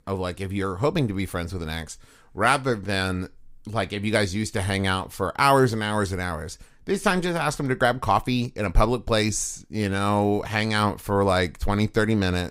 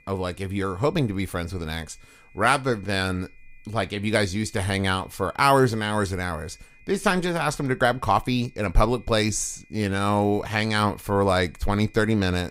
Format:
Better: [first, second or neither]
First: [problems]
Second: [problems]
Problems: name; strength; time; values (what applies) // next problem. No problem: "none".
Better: first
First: none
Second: high-pitched whine; faint; throughout; 2.5 kHz, 30 dB below the speech